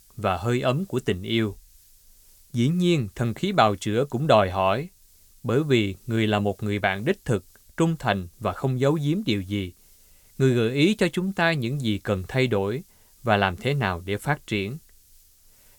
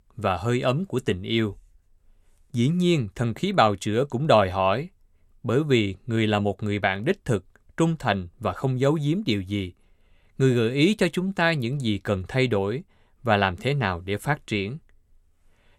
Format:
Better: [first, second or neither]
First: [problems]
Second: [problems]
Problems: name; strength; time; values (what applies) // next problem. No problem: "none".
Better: second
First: hiss; faint; throughout; 30 dB below the speech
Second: none